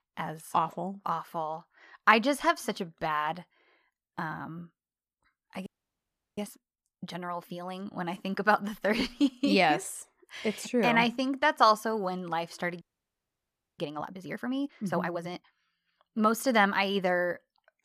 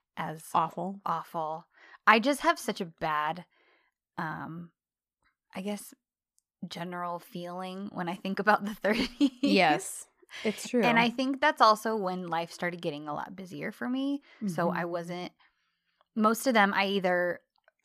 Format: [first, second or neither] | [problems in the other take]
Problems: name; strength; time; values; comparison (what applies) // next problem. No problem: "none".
second | audio freezing; at 5.5 s for 0.5 s and at 13 s for 1 s